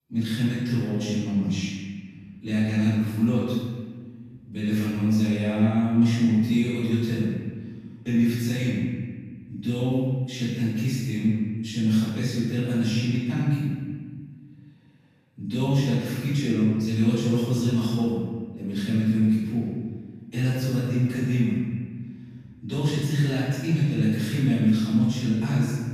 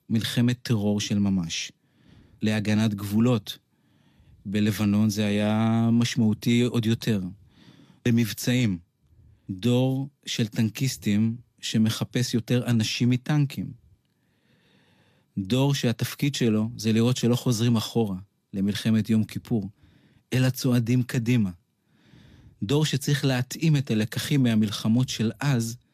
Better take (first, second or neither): second